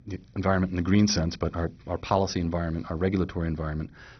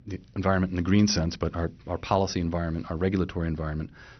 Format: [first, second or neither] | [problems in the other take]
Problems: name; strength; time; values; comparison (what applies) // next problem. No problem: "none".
second | garbled, watery; badly; nothing above 6 kHz; slightly in the second